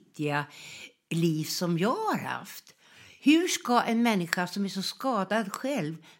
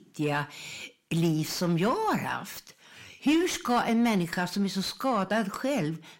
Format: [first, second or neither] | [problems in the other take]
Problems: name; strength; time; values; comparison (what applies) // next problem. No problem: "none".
first | distortion; slight; 10 dB below the speech